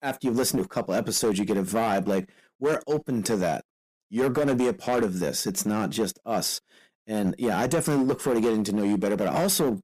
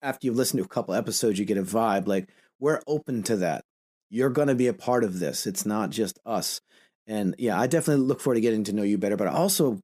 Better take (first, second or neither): second